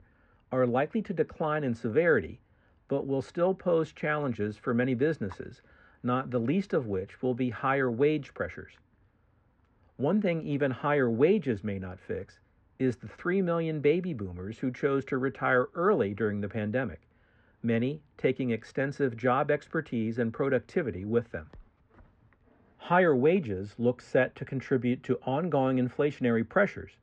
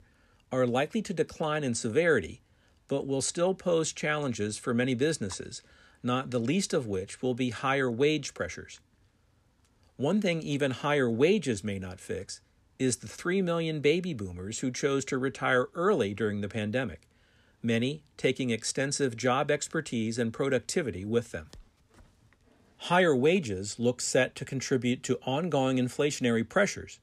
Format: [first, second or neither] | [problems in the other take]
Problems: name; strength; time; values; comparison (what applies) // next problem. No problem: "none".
second | muffled; very; fading above 1.5 kHz